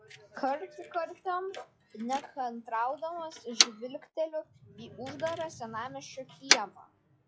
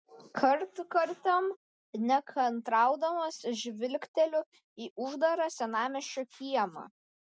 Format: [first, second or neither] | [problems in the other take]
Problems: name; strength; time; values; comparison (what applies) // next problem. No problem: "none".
second | noise reduction (classical method log-MMSE)